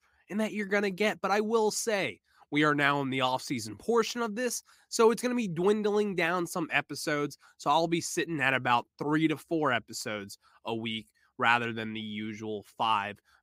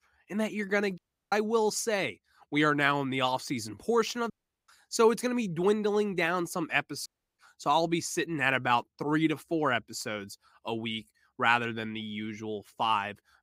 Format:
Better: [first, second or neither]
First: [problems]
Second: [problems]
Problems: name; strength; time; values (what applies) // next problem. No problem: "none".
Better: first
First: none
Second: audio cutting out; at 1 s, at 4.5 s and at 7 s